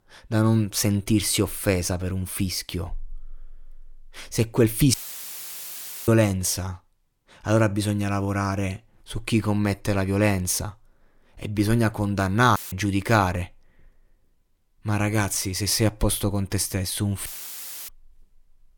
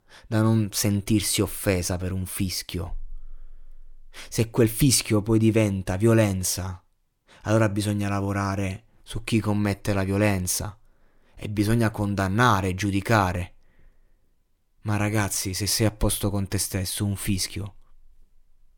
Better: second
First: audio cutting out; filled with static; at 5 s for 1 s, at 13 s and at 17 s for 0.5 s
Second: none

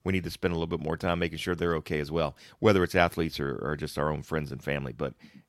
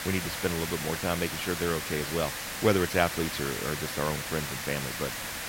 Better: first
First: none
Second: hiss; loud; throughout; 3 dB below the speech

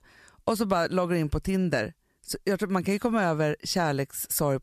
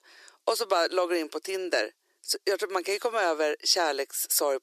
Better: first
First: none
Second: thin; very; fading below 350 Hz

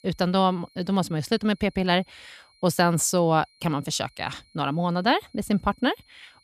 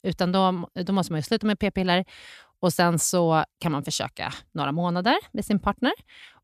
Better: second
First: high-pitched whine; faint; throughout; 4 kHz, 35 dB below the speech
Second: none

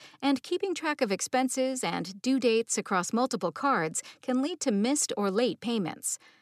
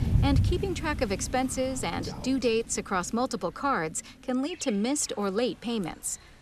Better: first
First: none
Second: animal sounds; loud; throughout; 4 dB below the speech

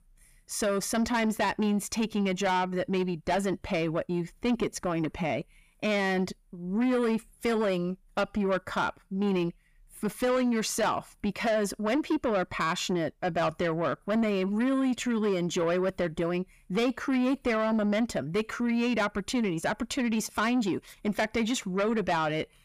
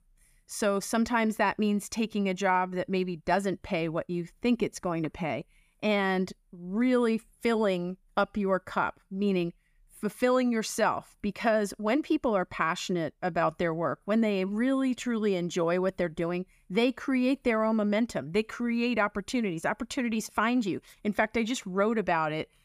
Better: second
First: distortion; slight; 10 dB below the speech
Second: none

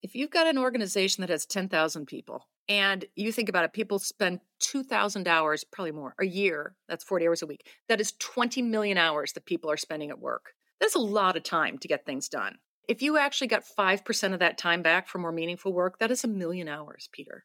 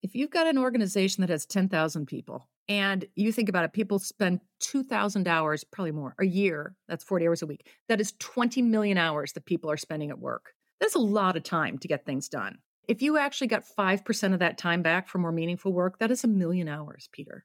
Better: second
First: thin; very slightly; fading below 300 Hz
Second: none

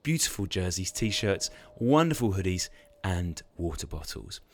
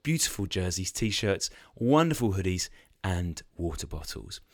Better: second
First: wind noise on the microphone; occasional gusts; 25 dB below the speech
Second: none

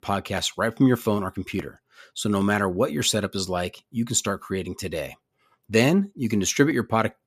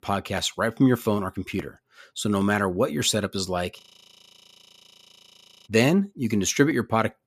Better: first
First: none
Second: audio freezing; at 4 s for 2 s

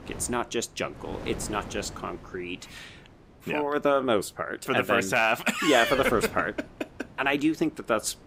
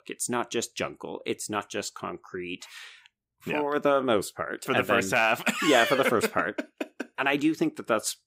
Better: second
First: wind noise on the microphone; occasional gusts; 20 dB below the speech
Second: none

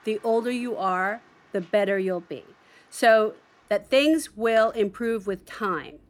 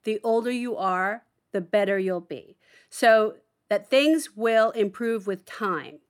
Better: second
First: rain or running water; faint; throughout; 30 dB below the speech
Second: none

